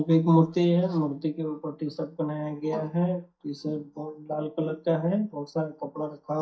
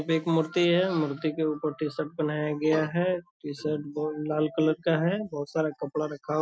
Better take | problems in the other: second | noise reduction (neural mask model DeepFilterNet 3)

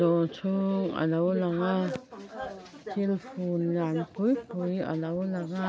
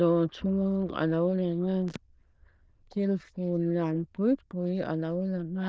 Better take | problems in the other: first | noise reduction (neural diffusion model UNIVERSE++)

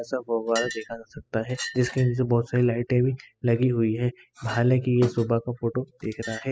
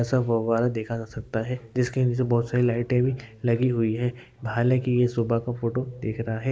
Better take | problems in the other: second | noise reduction (classical method spectral subtraction)

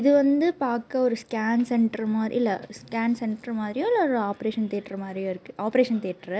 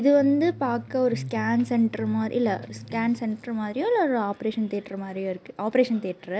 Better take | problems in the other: first | background sound (Electric guitar); 14 dB below the speech

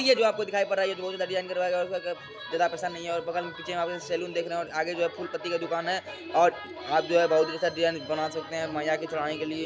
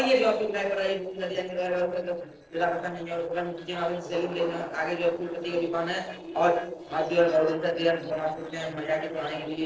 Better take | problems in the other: first | noise reduction (neural separator model SepFormer DNS4)

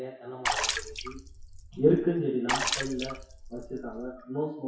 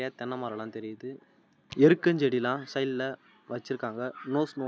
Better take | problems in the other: second | noise reduction (classical method WPE with log-MMSE)

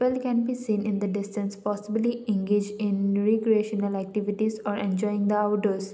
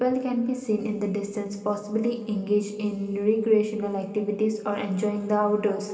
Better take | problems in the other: first | room echo; dies away in 2.4 s

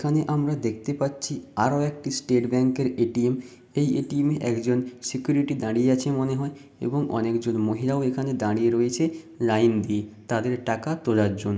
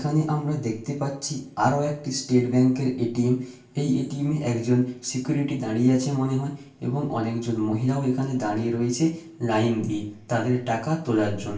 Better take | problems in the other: first | room echo; dies away in 0.4 s

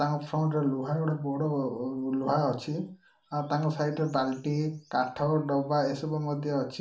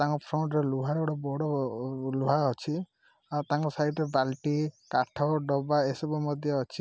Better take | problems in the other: second | room echo; dies away in 0.4 s

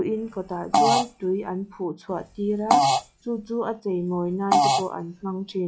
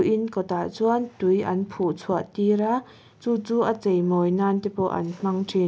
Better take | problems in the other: second | noise reduction (classical method log-MMSE)

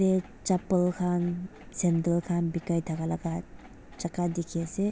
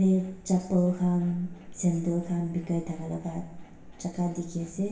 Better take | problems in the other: first | room echo; dies away in 1.1 s

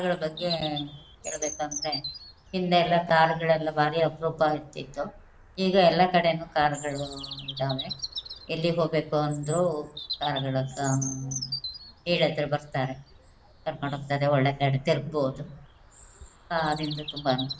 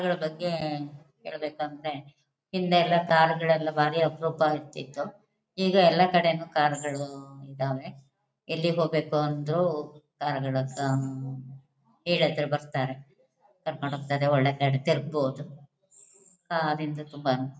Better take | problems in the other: second | background sound (Bird vocalization, bird call, bird song); 14 dB below the speech

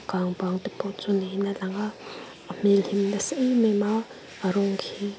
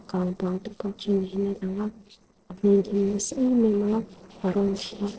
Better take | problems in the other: first | noise reduction (neural separator model SepFormer DNS4)

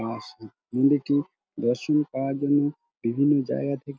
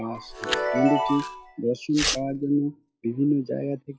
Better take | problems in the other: first | noise reduction (classical method log-MMSE)

